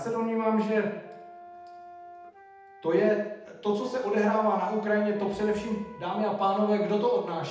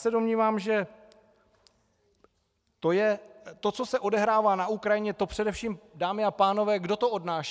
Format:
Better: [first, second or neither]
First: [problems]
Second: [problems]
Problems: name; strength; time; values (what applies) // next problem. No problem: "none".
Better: second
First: background sound (Wind instrument, woodwind instrument); 20 dB below the speech // room echo; dies away in 0.8 s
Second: none